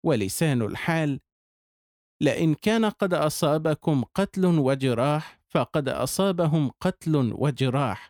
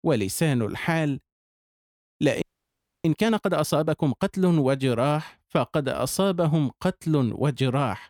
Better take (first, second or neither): first